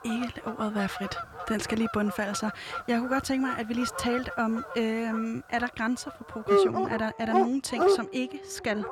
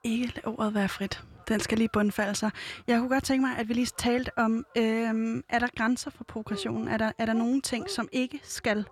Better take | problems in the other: second | animal sounds; loud; throughout; 1 dB below the speech; faint in the second

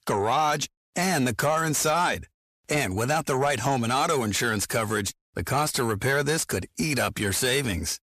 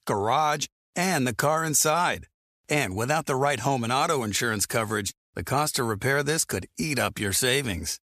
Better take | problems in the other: second | distortion; slight; 10 dB below the speech

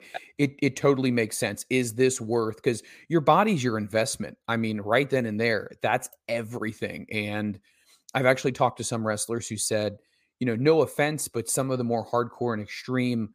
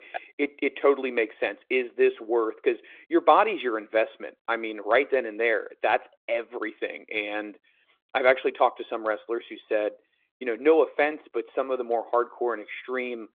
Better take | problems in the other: first | phone-call audio; nothing above 3.5 kHz

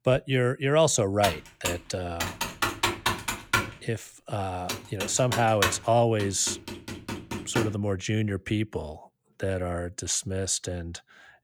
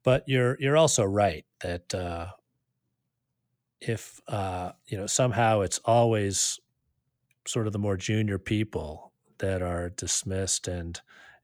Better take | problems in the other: second | keyboard typing; loud; from 1 to 7.5 s; peak 1 dB above the speech

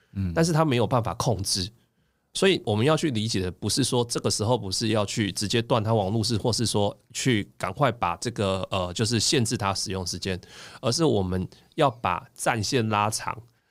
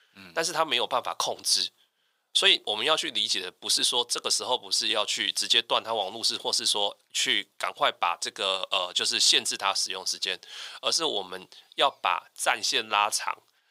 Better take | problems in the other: first | thin; very; fading below 700 Hz

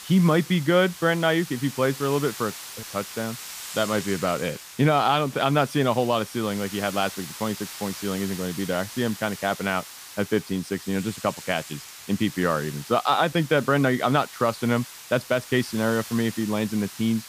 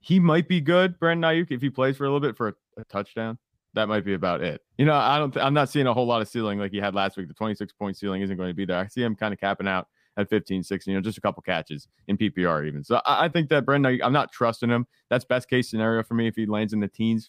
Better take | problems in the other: second | hiss; noticeable; throughout; 15 dB below the speech

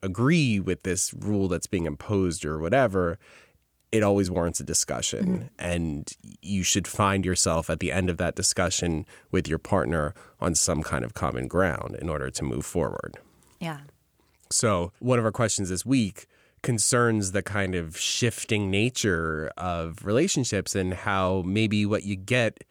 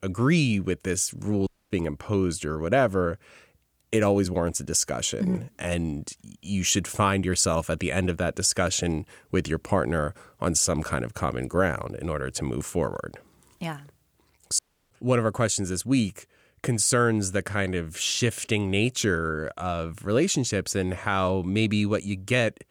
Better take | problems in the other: first | audio cutting out; at 1.5 s and at 15 s

